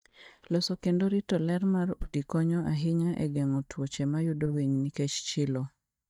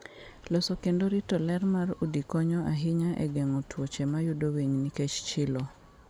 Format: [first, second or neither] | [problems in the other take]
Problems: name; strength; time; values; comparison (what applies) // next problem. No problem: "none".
second | noise reduction (neural mask model DeepFilterNet 3)